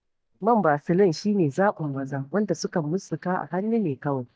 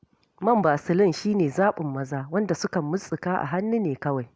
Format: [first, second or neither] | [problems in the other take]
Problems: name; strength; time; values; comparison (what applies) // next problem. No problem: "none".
second | noise reduction (neural mask model DeepFilterNet 3)